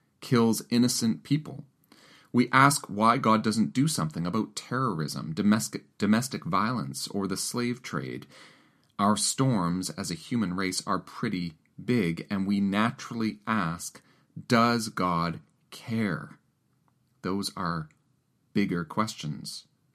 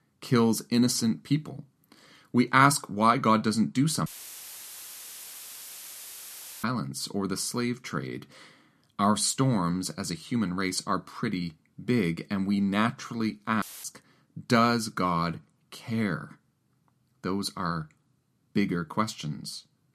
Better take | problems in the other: first | audio cutting out; filled with static; at 4 s for 2.5 s and at 14 s

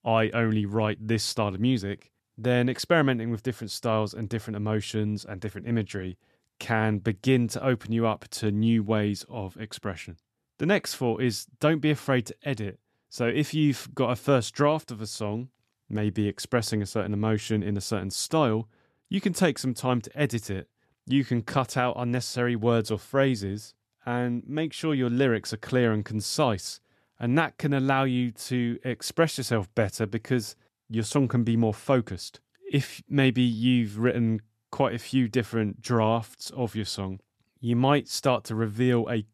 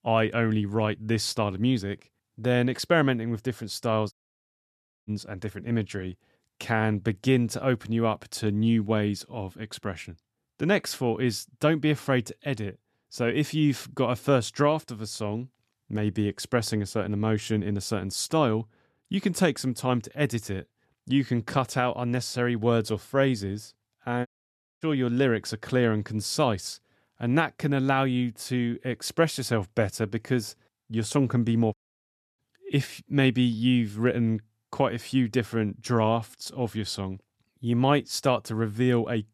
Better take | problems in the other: first | audio cutting out; at 4 s for 1 s, at 24 s for 0.5 s and at 32 s for 0.5 s

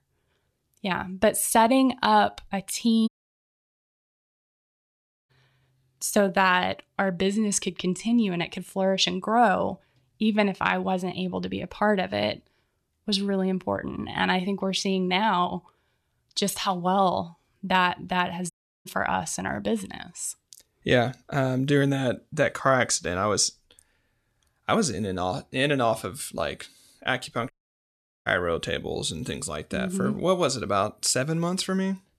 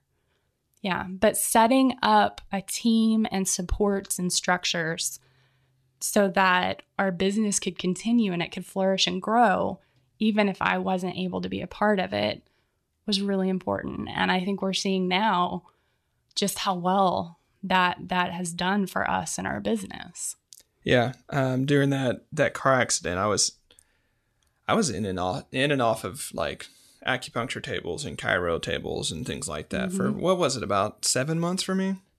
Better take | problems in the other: second | audio cutting out; at 3 s for 2 s, at 19 s and at 28 s for 1 s

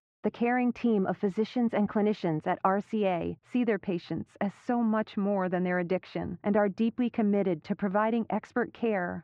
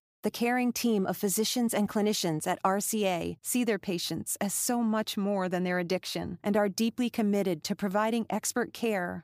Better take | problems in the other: second | muffled; very; fading above 2 kHz

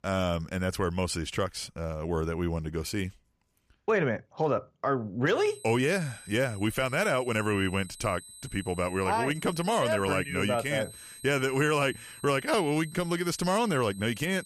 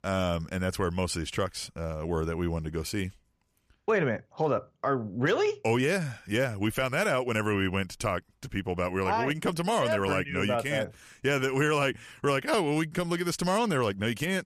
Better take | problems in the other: second | high-pitched whine; noticeable; from 5.5 s on; 8 kHz, 15 dB below the speech

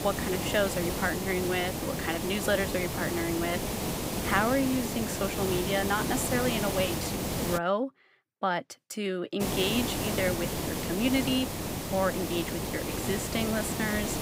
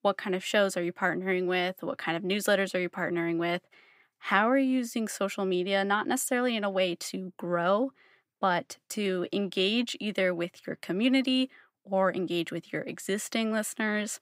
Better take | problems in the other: second | hiss; loud; until 7.5 s and from 9.5 s on; 2 dB below the speech

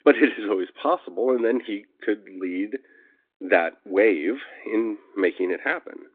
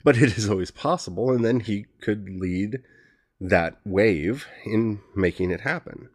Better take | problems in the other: second | phone-call audio; nothing above 3.5 kHz

